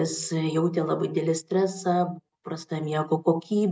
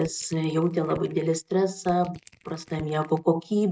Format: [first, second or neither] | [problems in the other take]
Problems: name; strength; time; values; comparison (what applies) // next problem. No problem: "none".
first | noise reduction (neural mask model RNNoise)